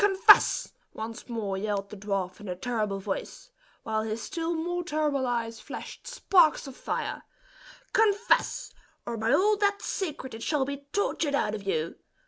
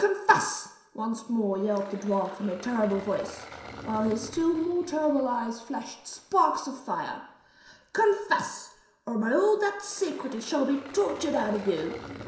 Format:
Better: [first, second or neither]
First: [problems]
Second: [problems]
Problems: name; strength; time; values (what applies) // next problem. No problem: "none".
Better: first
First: none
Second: background sound (Engine); 19 dB below the speech // room echo; dies away in 0.7 s